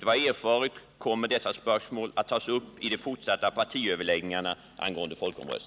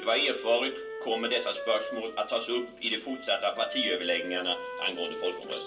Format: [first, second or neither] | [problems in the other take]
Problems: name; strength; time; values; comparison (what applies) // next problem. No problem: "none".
first | background sound (Wind instrument, woodwind instrument); 9 dB below the speech // room echo; dies away in 0.3 s